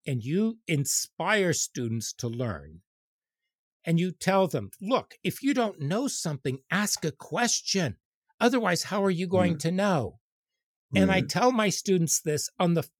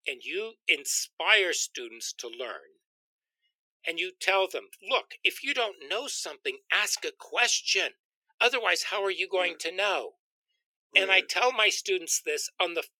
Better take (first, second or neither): first